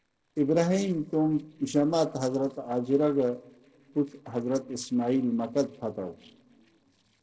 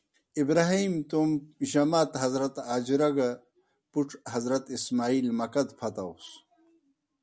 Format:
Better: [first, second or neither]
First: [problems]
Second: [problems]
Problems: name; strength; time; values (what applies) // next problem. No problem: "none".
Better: second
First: noise reduction (neural separator model SepFormer DNS4)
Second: none